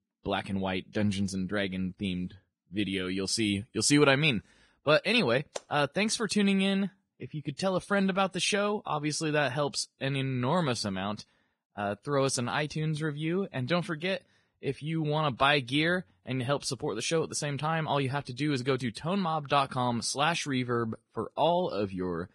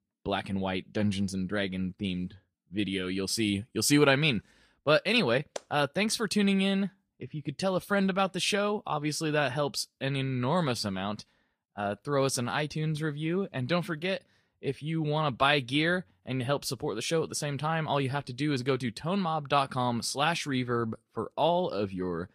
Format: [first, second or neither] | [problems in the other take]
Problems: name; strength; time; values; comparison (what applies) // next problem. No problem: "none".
second | garbled, watery; badly; nothing above 10 kHz; slightly in the second